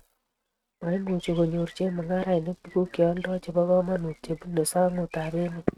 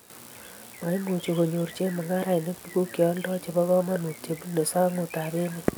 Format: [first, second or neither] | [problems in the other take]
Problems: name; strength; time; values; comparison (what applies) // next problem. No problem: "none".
second | noise reduction (neural mask model RNNoise)